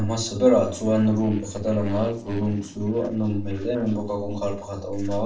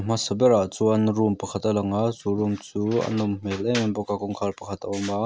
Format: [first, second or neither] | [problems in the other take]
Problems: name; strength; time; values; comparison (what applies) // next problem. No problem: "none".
second | noise reduction (neural separator model SepFormer DNS4)